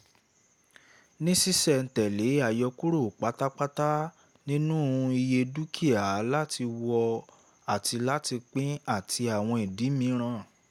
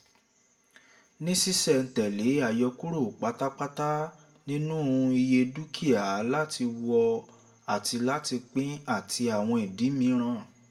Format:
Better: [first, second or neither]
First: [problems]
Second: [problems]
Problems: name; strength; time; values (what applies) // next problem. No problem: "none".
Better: first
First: none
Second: room echo; dies away in 0.3 s